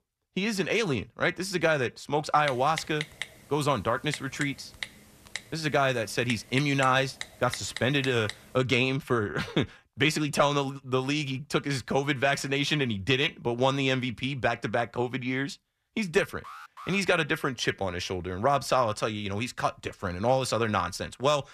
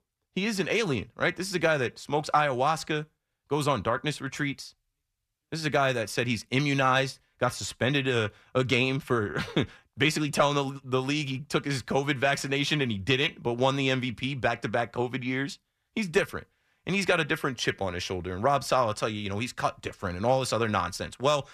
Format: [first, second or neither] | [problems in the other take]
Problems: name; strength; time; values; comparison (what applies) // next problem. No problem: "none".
second | keyboard typing; noticeable; from 2.5 to 8.5 s; peak 8 dB below the speech // alarm; faint; at 16 s; peak 15 dB below the speech